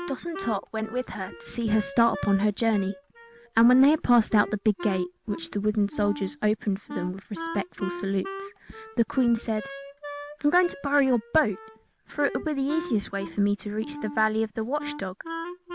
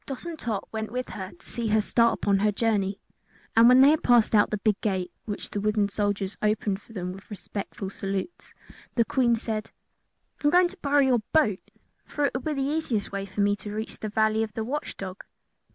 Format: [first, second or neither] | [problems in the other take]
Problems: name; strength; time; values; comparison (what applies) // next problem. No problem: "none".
second | background sound (Wind instrument, woodwind instrument); 13 dB below the speech